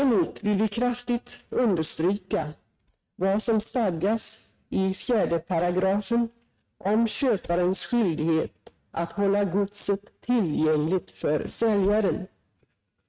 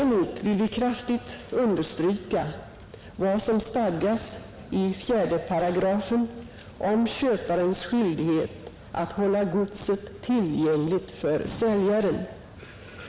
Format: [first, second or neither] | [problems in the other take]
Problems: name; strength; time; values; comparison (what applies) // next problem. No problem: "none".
second | noise reduction (neural mask model RNNoise)